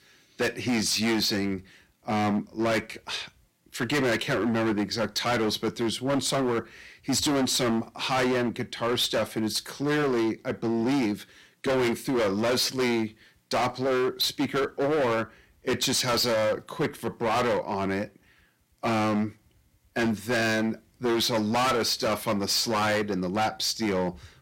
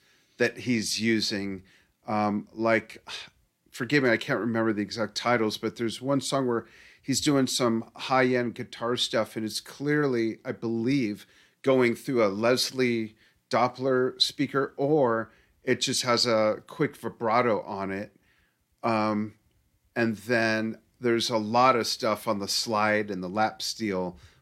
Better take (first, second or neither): second